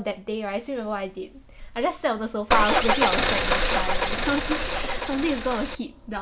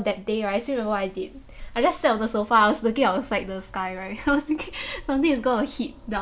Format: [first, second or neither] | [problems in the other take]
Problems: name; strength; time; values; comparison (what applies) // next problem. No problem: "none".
second | background sound (Car); 4 dB above the speech